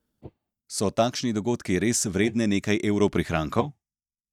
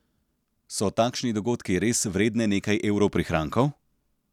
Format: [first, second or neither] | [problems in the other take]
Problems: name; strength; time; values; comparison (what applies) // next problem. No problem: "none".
second | noise reduction (neural mask model DeepFilterNet 3)